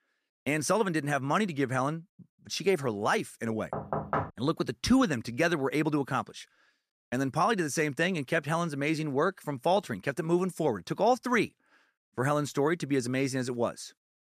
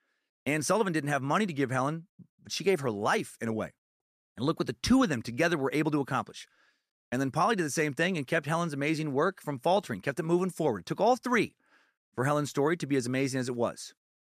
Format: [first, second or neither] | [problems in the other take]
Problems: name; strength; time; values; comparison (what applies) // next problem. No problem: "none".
second | door banging; noticeable; at 3.5 s; peak 2 dB below the speech